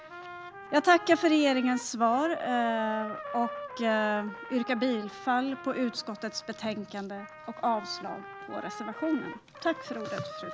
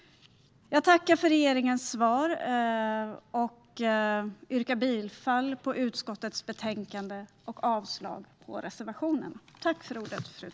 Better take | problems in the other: second | background sound (Trumpet); 12 dB below the speech

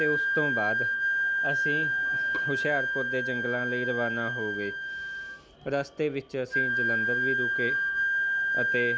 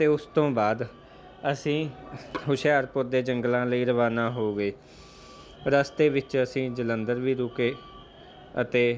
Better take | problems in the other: second | background sound (Wind instrument, woodwind instrument); 5 dB above the speech

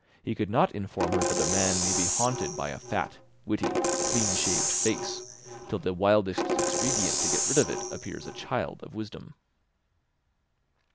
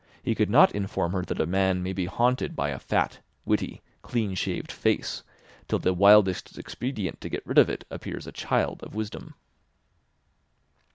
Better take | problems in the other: second | background sound (Percussion); 2 dB above the speech

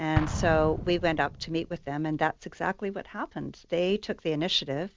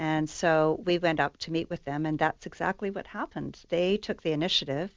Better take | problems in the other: second | background sound (Explosion); 9 dB below the speech

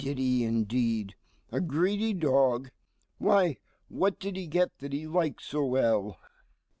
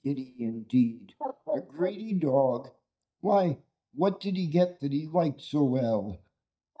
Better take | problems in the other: first | noise reduction (neural mask model DeepFilterNet 3)

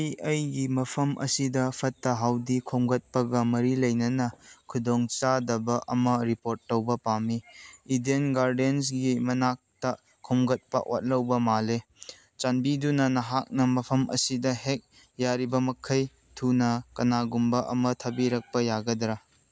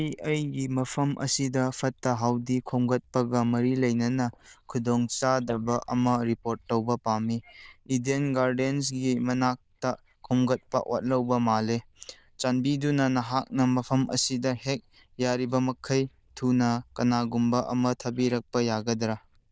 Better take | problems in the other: first | noise reduction (neural diffusion model UNIVERSE++)

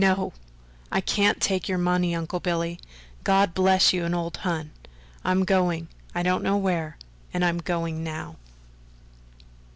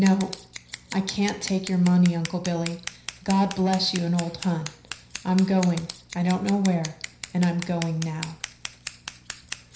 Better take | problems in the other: first | background sound (Scissors); 14 dB below the speech // room echo; dies away in 0.5 s

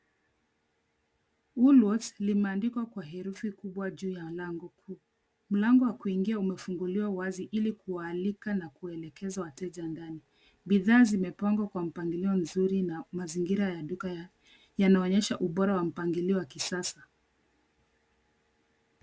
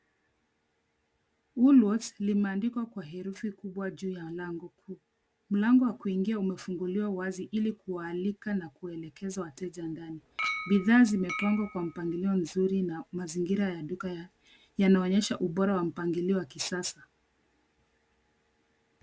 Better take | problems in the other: first | background sound (Chink, clink); 8 dB below the speech

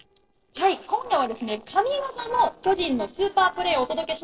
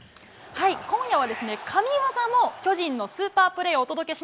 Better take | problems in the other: second | noise reduction (neural separator model SepFormer DNS4)

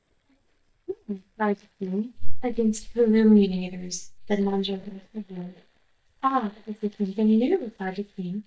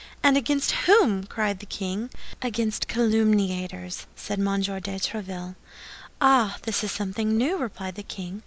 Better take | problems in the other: second | noise reduction (neural mask model DeepFilterNet 3)

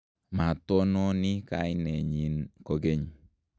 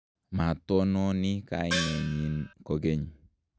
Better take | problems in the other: first | background sound (Gong); 5 dB below the speech

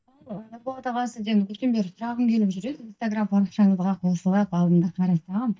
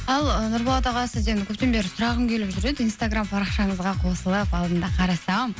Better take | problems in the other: second | noise reduction (neural mask model DeepFilterNet 3)

